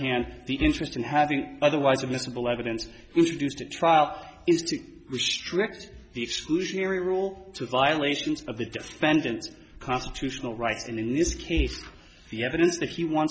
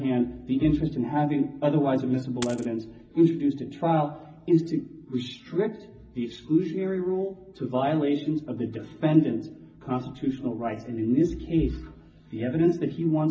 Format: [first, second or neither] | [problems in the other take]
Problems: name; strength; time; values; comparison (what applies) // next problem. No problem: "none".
first | background sound (Coin (dropping)); 14 dB below the speech // room echo; dies away in 0.4 s